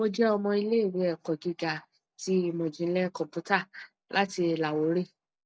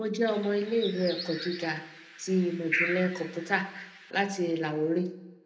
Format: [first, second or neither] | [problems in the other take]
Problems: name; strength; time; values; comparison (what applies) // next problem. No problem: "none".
first | background sound (Bird); 8 dB below the speech // room echo; dies away in 0.7 s